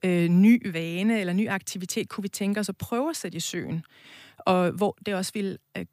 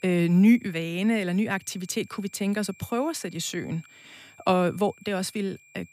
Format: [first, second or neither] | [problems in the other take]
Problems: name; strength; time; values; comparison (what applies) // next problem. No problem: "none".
first | high-pitched whine; faint; throughout; 2.5 kHz, 25 dB below the speech